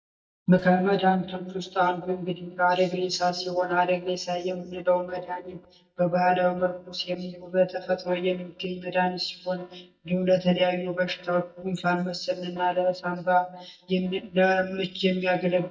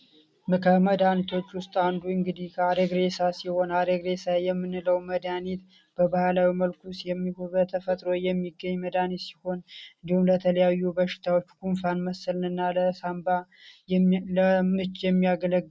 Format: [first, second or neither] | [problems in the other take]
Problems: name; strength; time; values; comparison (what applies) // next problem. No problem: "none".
second | noise reduction (neural mask model DeepFilterNet 3)